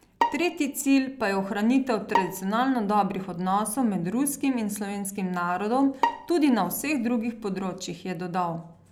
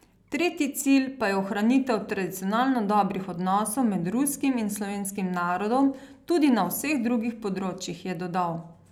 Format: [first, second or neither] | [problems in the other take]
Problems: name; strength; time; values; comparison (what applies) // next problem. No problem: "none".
second | background sound (Bowed string instrument); 8 dB below the speech